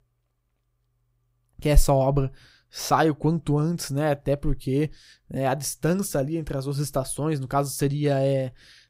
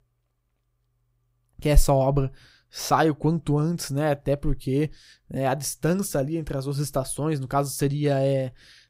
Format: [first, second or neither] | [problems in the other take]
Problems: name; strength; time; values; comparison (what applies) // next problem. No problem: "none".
neither | none